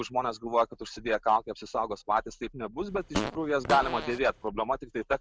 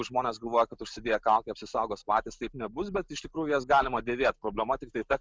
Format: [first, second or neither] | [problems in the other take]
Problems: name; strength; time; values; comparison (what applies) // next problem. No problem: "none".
second | background sound (Fart); 6 dB below the speech